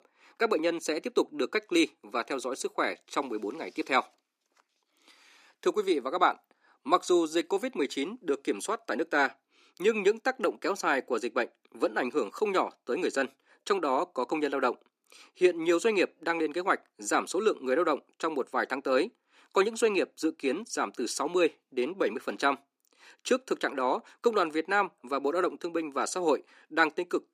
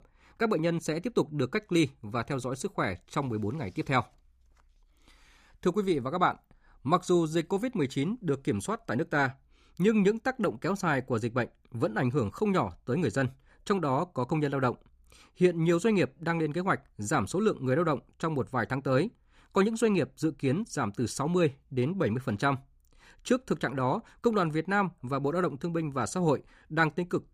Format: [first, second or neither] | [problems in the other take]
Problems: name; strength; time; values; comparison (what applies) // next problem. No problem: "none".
second | thin; somewhat; fading below 300 Hz